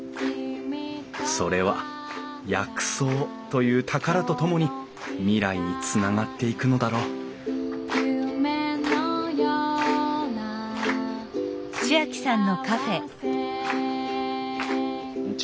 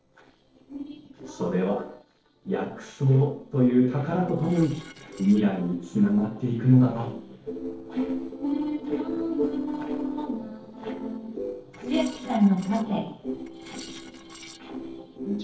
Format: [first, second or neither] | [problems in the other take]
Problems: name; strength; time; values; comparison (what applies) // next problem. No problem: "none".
first | noise reduction (neural separator model SepFormer DNS4)